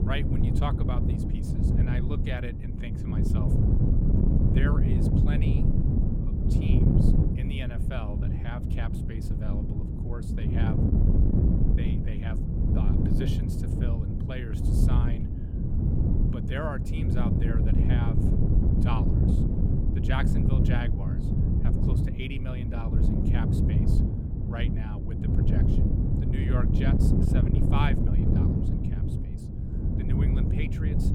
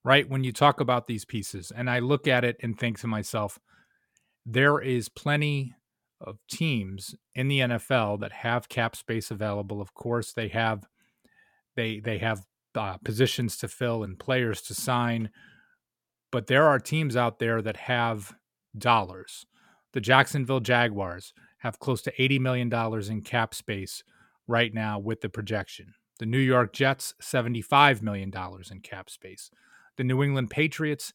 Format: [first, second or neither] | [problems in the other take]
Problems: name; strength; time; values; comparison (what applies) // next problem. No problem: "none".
second | wind noise on the microphone; heavy; 3 dB above the speech